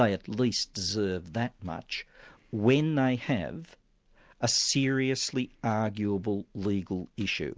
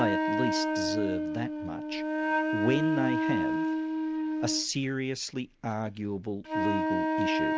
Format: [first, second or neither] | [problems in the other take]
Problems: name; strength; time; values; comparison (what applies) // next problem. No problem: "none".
first | background sound (Wind instrument, woodwind instrument); 3 dB above the speech